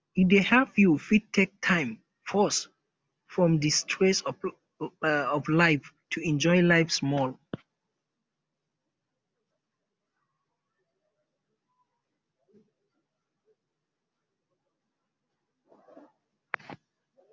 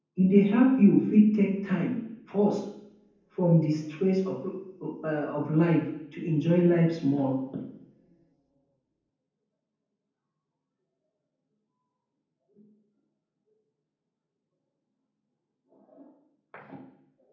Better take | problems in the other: first | room echo; dies away in 0.9 s

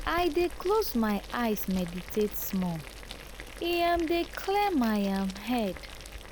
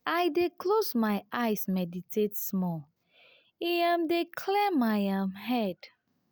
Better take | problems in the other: second | background sound (Boiling); 13 dB below the speech

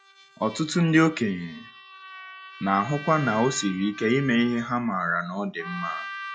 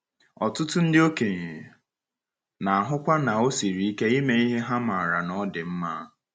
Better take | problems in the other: second | noise reduction (classical method log-MMSE)

